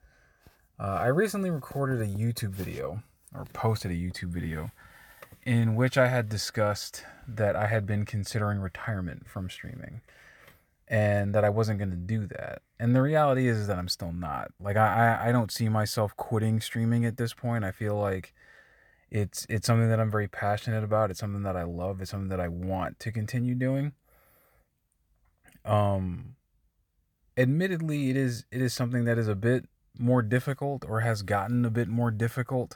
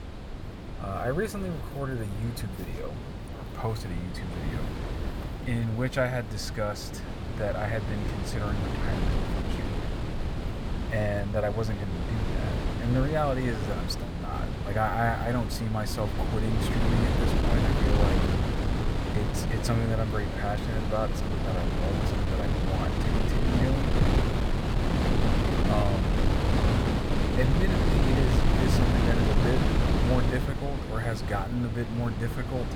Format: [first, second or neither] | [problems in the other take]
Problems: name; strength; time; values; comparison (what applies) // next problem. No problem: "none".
first | wind noise on the microphone; heavy; as loud as the speech